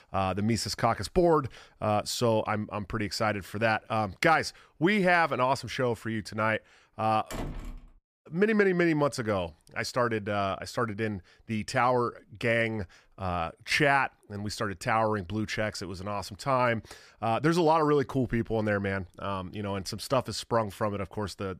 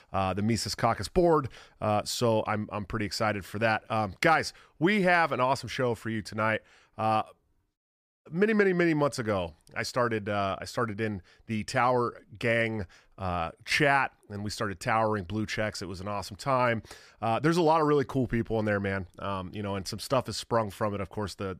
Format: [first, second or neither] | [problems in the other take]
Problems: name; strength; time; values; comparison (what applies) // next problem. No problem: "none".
second | door banging; noticeable; at 7.5 s; peak 10 dB below the speech